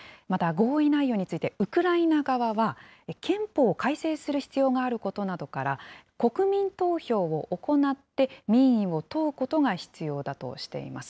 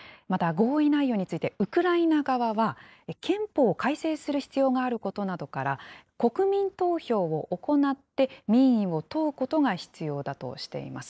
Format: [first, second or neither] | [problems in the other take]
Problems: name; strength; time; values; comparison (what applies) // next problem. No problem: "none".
first | noise reduction (neural mask model Resemble Enhance denoiser)